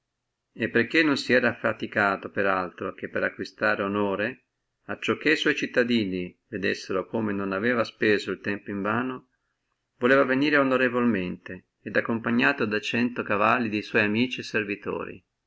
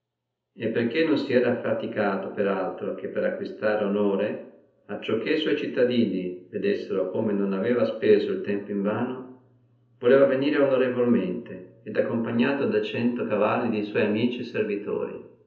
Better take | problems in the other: first | room echo; dies away in 0.7 s

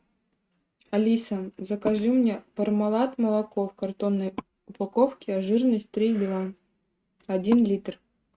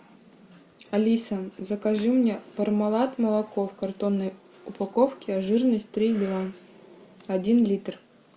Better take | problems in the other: second | noise reduction (neural mask model RNNoise)

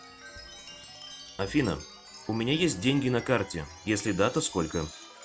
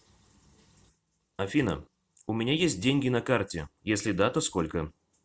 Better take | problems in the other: second | background sound (Chime); 16 dB below the speech

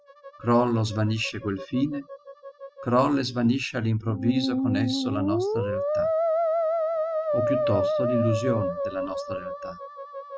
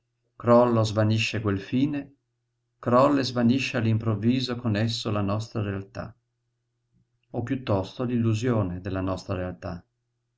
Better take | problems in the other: second | noise reduction (classical method spectral subtraction)

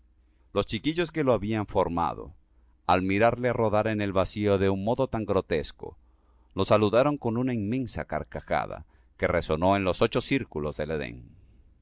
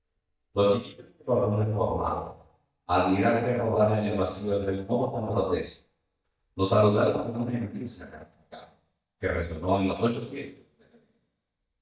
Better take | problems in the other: first | noise reduction (neural mask model DeepFilterNet 3)

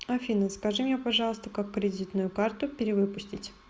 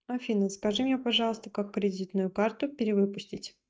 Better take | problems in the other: first | noise reduction (neural mask model DeepFilterNet 3)

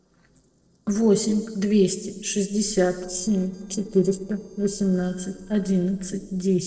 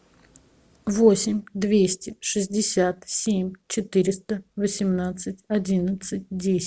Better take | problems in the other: second | noise reduction (neural separator model SepFormer DNS4)

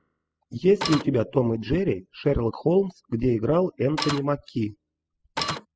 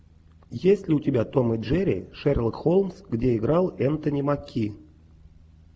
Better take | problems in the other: second | noise reduction (classical method spectral subtraction)

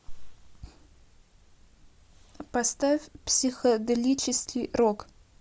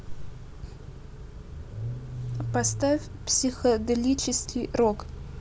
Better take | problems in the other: first | background sound (Engine starting / Car + Idling / Accelerating, revving, vroom / Car); 8 dB below the speech

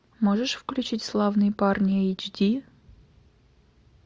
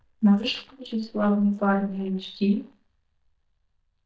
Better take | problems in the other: first | noise reduction (neural mask model DeepFilterNet 3)

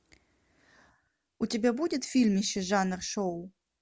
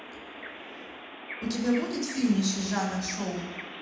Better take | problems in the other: first | background sound (Bird vocalization, bird call, bird song); 11 dB below the speech // room echo; dies away in 1 s

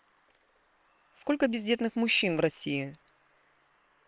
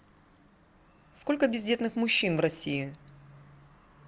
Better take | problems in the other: second | noise reduction (neural separator model SepFormer WHAM!)

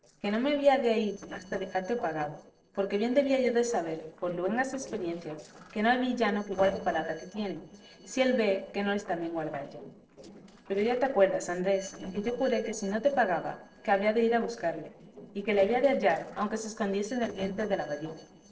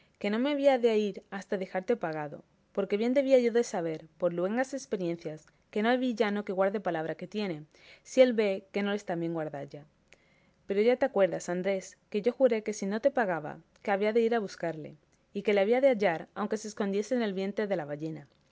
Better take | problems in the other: second | noise reduction (neural separator model SepFormer DNS4)

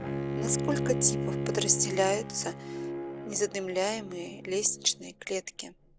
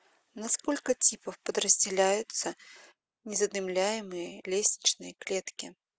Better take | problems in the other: second | background sound (Bowed string instrument); 4 dB below the speech

